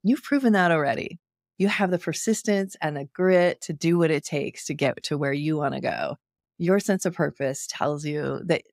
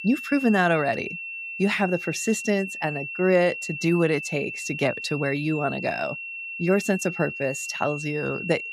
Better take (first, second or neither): first